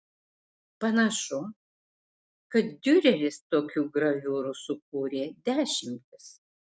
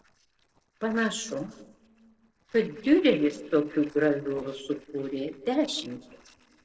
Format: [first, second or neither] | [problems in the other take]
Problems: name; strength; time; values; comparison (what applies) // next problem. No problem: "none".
first | noise reduction (neural separator model SepFormer DNS4)